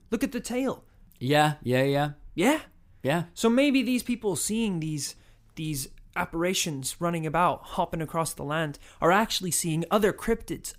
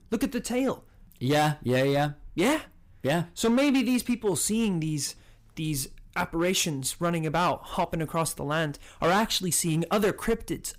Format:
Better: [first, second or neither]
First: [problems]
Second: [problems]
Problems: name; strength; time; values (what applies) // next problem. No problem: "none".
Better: first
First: none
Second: distortion; slight; 7% of the sound clipped